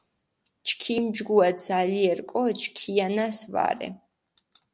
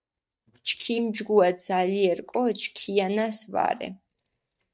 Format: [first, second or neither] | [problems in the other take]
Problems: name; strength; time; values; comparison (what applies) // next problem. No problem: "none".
first | noise reduction (neural mask model DeepFilterNet 3)